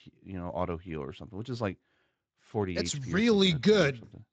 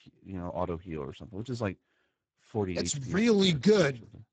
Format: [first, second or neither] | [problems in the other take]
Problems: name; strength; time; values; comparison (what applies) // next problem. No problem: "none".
first | garbled, watery; badly; nothing above 7.5 kHz; slightly in the first